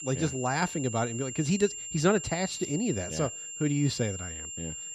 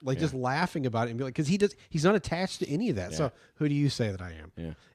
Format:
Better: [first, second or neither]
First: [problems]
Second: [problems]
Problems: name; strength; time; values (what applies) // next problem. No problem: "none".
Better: second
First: high-pitched whine; loud; throughout; 7.5 kHz, 7 dB below the speech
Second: none